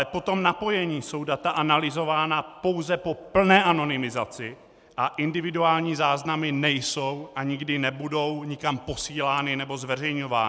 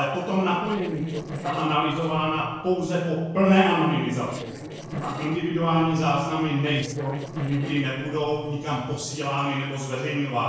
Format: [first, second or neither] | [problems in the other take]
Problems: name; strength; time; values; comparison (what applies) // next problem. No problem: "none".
first | noise reduction (neural separator model SepFormer DNS4)